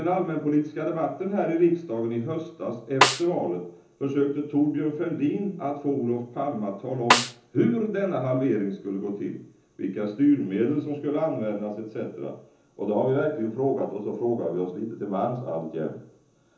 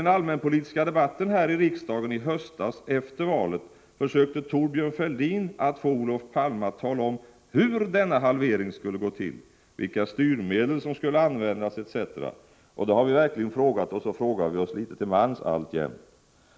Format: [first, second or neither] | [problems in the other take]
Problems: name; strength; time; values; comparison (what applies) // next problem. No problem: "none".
second | background sound (Snare drum); 3 dB above the speech // room echo; dies away in 0.7 s